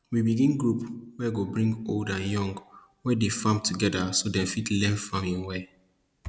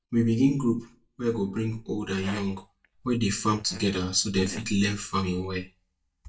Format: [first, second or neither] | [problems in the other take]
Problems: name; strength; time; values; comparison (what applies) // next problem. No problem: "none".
first | noise reduction (neural mask model DeepFilterNet 3)